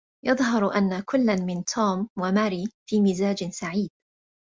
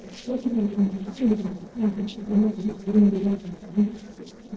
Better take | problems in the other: first | noise reduction (neural separator model SepFormer DNS4)

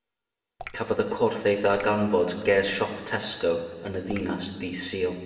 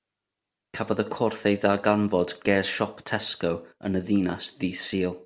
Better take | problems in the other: second | background sound (Drip / Water); 14 dB below the speech // room echo; dies away in 1.5 s

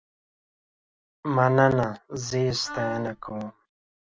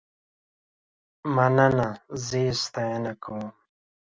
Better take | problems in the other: second | background sound (Wind instrument, woodwind instrument); 13 dB below the speech

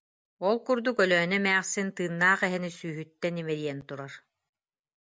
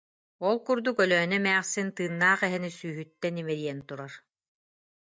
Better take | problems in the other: first | noise reduction (neural mask model DeepFilterNet 3)

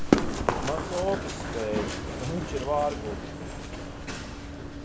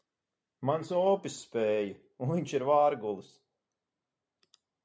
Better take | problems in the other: second | background sound (Run); 3 dB above the speech

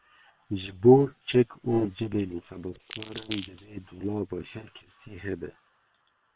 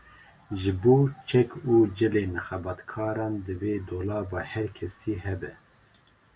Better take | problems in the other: second | noise reduction (neural separator model SepFormer WHAM!)

